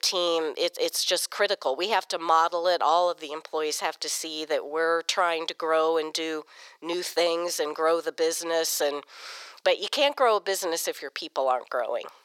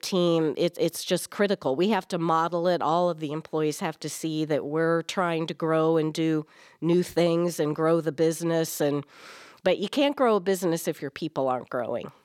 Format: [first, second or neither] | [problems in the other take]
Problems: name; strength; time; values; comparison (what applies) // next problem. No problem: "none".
second | thin; very; fading below 550 Hz